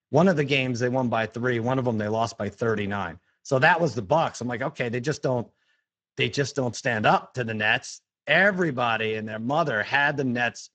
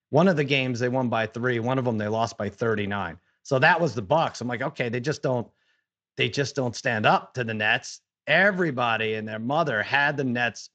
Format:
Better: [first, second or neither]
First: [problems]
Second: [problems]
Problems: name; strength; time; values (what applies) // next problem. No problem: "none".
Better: second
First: garbled, watery; badly; nothing above 7.5 kHz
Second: garbled, watery; slightly